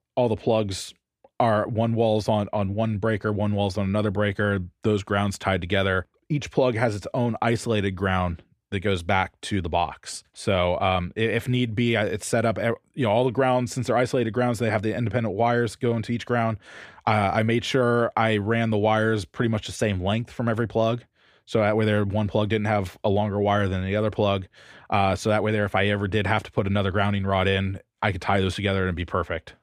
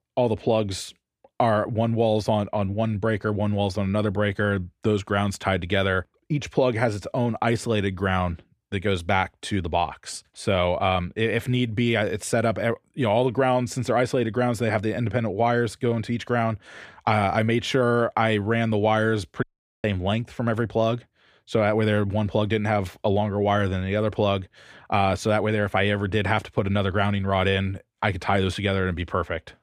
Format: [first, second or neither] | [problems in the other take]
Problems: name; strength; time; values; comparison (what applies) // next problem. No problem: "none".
first | audio cutting out; at 19 s